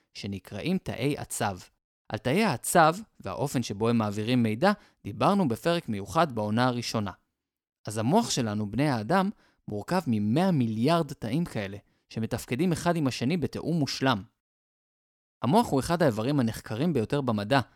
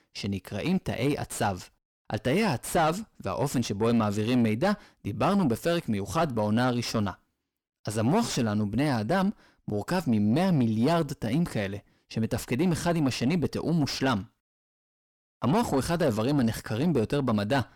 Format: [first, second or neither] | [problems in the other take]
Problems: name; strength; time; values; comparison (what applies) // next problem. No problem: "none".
first | distortion; heavy; 7 dB below the speech